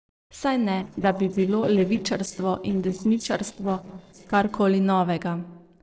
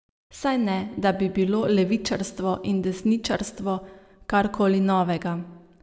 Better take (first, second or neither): second